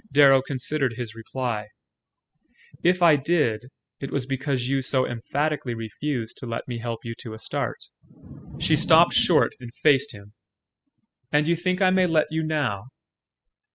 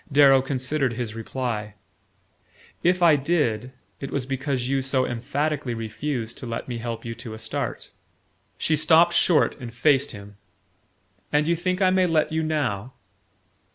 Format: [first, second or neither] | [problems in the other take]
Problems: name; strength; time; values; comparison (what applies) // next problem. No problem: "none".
second | noise reduction (classical method spectral subtraction)